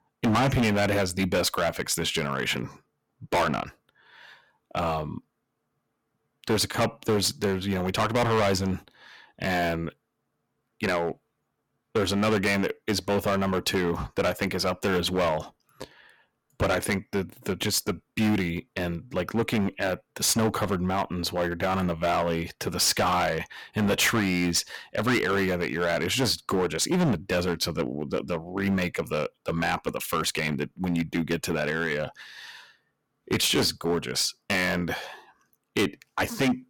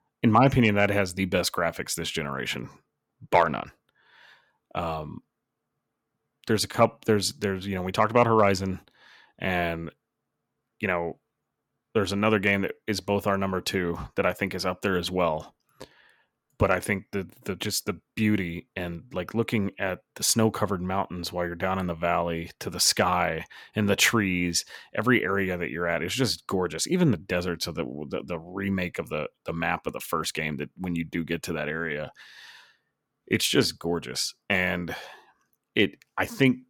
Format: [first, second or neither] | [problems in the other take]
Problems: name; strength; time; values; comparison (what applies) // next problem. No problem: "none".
second | distortion; heavy; 9% of the sound clipped